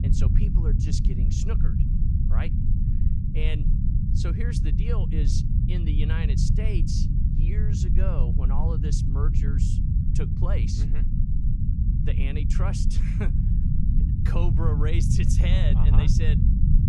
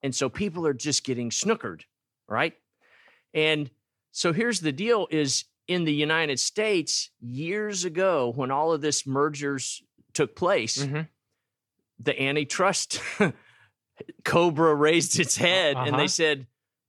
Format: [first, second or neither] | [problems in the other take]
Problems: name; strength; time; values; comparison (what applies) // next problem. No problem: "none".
second | low rumble; loud; throughout; as loud as the speech